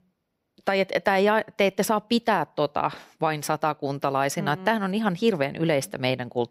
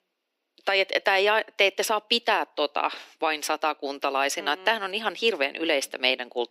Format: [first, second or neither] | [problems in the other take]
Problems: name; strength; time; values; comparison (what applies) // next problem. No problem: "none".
first | thin; somewhat; fading below 300 Hz